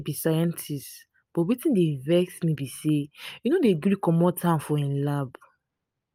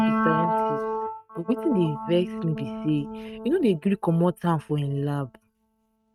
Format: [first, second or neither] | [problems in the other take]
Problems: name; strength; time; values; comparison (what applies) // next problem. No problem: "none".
first | noise reduction (neural mask model RNNoise)